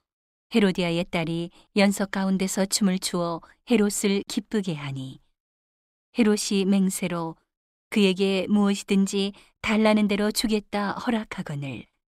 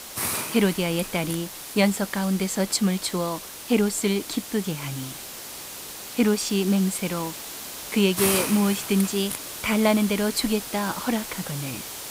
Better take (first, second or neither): first